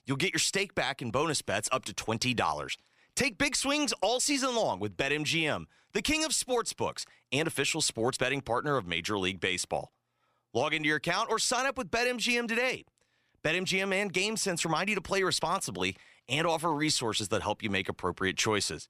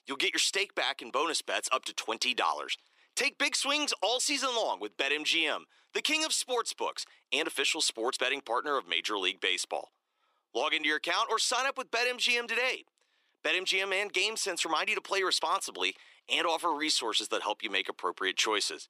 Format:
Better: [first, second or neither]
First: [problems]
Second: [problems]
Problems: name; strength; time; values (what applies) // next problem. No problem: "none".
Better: first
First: none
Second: thin; somewhat; fading below 350 Hz